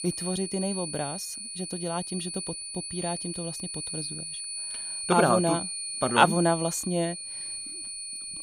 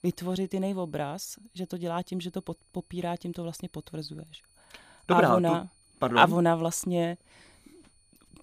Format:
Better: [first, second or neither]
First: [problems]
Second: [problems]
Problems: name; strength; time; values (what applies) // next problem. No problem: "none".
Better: second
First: high-pitched whine; loud; throughout; 9.5 kHz, 5 dB below the speech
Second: high-pitched whine; faint; throughout; 9.5 kHz, 35 dB below the speech